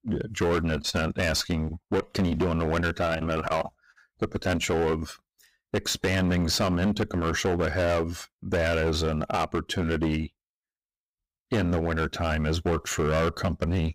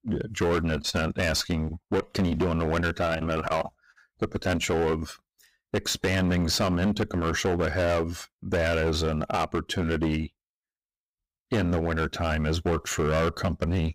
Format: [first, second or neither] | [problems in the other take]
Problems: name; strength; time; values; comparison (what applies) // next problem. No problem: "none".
neither | distortion; heavy; 14% of the sound clipped; the same in both